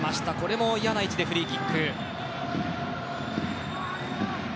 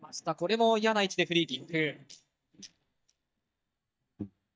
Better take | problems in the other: first | noise reduction (neural mask model DeepFilterNet 3)

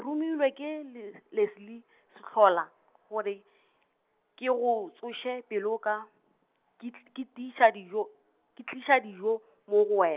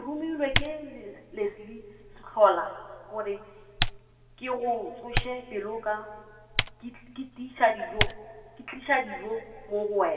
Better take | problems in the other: first | background sound (Typing); 5 dB below the speech // room echo; dies away in 2.2 s

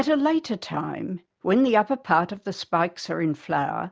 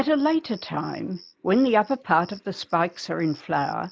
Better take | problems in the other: first | noise reduction (neural mask model Resemble Enhance denoiser)

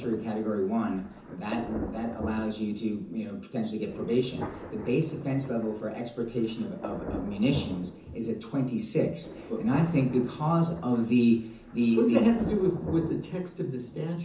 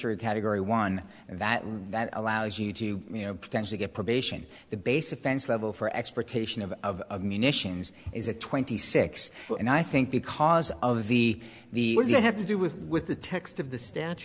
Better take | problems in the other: second | background sound (Thunder); 13 dB below the speech // room echo; dies away in 0.6 s

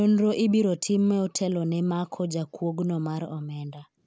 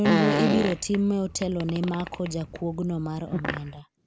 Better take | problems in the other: first | background sound (Fart); 4 dB below the speech

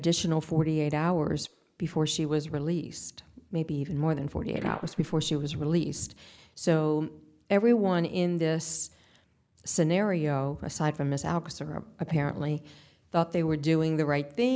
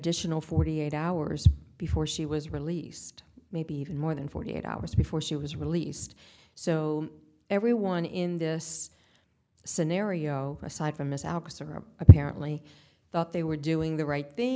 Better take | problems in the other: second | noise reduction (neural mask model Resemble Enhance denoiser)

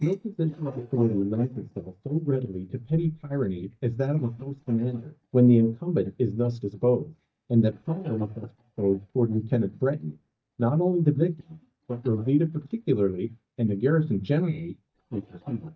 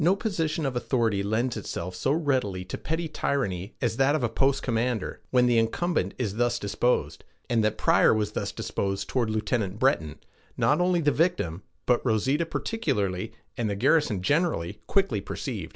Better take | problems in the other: second | noise reduction (neural mask model DeepFilterNet 3)

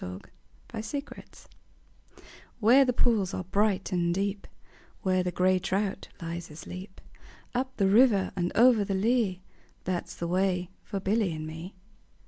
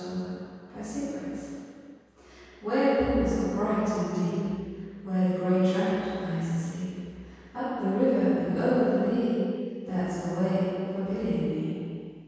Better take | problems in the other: first | room echo; dies away in 2.2 s

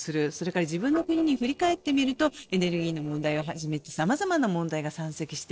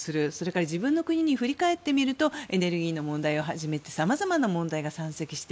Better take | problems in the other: second | noise reduction (neural separator model SepFormer DNS4)

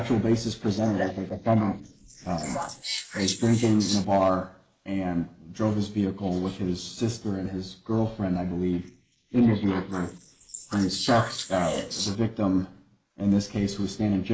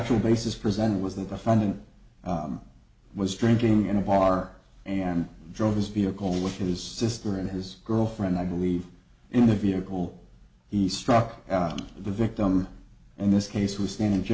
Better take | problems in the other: second | noise reduction (neural mask model Resemble Enhance denoiser)

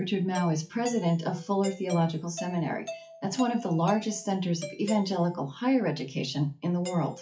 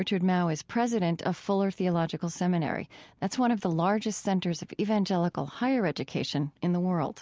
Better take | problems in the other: second | noise reduction (classical method WPE with log-MMSE)

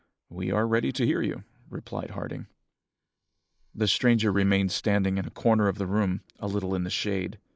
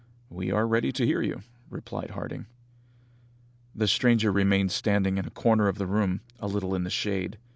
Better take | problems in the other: second | noise reduction (neural mask model Resemble Enhance denoiser)

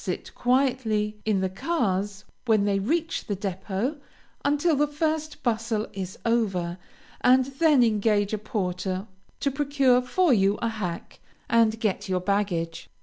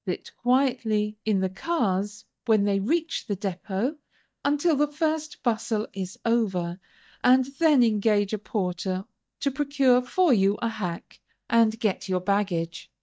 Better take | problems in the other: first | noise reduction (neural mask model DeepFilterNet 3)

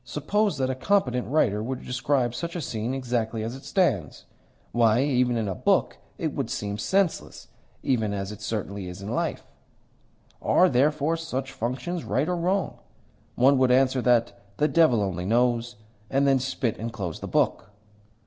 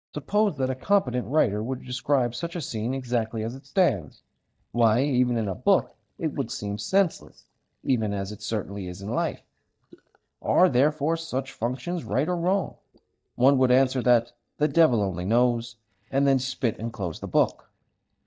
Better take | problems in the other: first | noise reduction (neural mask model DeepFilterNet 3)

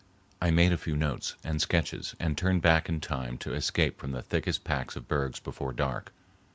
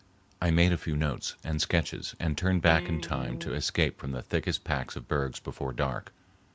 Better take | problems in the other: first | background sound (Electric guitar); 8 dB below the speech

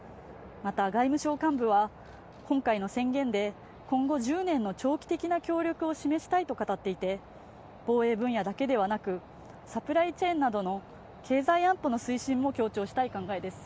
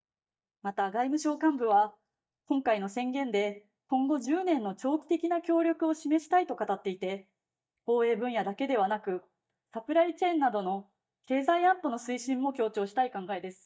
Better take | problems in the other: first | noise reduction (neural mask model DeepFilterNet 3)

